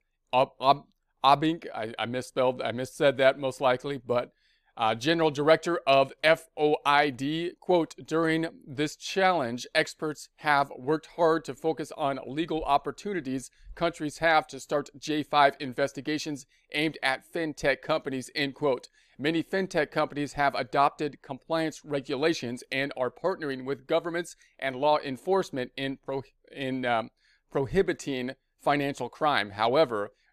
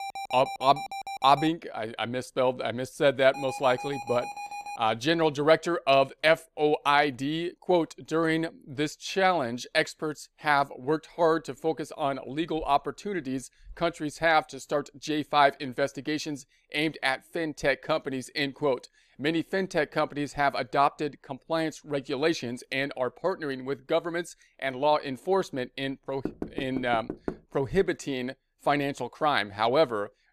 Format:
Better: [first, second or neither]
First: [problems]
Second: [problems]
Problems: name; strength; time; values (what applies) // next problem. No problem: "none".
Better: first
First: none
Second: alarm; noticeable; until 1.5 s and from 3.5 to 5 s; peak 8 dB below the speech // door banging; noticeable; from 26 to 27 s; peak 9 dB below the speech